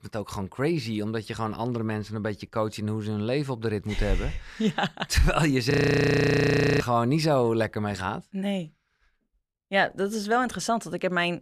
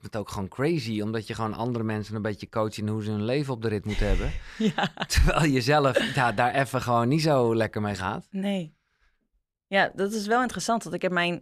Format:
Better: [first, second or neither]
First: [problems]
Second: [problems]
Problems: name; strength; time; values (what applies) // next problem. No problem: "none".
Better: second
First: audio freezing; at 5.5 s for 1 s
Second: none